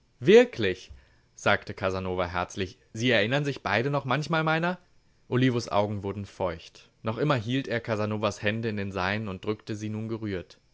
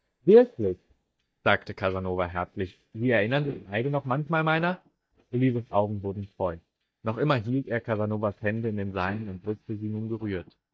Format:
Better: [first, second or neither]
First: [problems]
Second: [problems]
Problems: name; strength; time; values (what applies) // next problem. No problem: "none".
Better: first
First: none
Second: noise reduction (neural mask model DeepFilterNet 3)